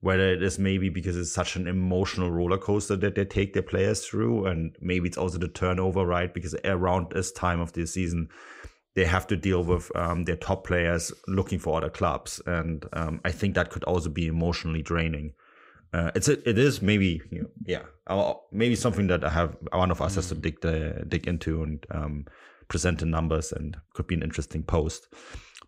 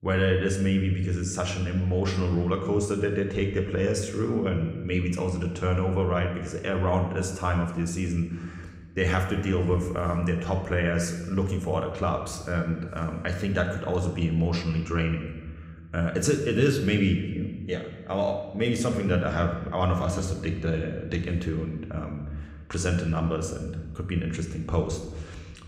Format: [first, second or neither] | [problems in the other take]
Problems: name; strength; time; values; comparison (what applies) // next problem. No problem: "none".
first | room echo; slight; dies away in 1.1 s